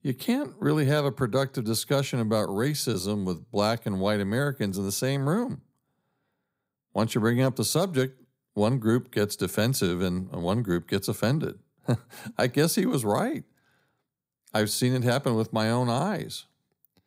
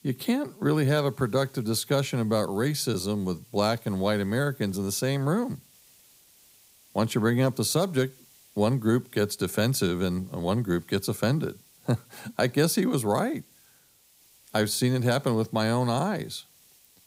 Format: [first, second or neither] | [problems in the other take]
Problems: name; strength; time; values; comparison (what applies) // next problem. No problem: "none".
first | hiss; faint; throughout; 30 dB below the speech